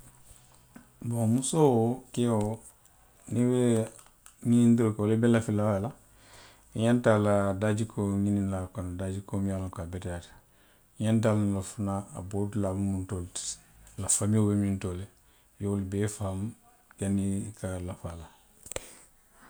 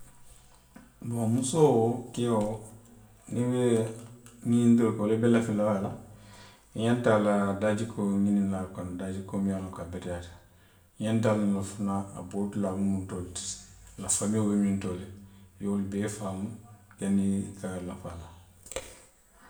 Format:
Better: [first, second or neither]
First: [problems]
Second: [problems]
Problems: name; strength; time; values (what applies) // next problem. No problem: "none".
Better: first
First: none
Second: room echo; dies away in 0.6 s